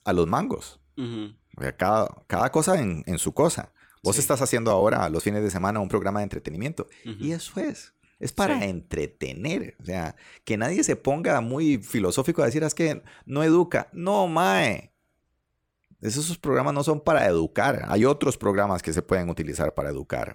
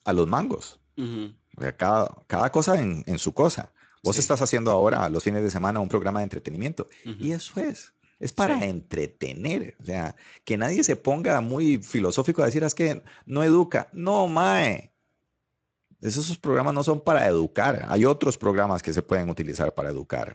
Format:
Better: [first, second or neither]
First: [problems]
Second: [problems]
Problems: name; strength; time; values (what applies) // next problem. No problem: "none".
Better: first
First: none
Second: garbled, watery; slightly; nothing above 7.5 kHz